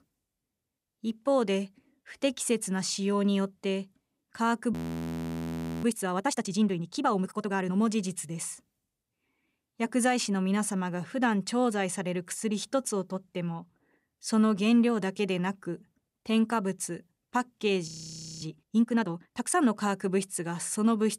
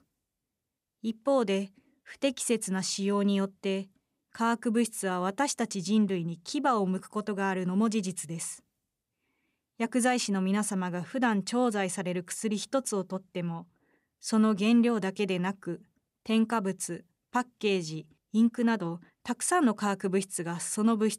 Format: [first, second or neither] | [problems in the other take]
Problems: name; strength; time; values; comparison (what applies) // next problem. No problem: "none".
second | audio freezing; at 4.5 s for 1 s and at 18 s for 0.5 s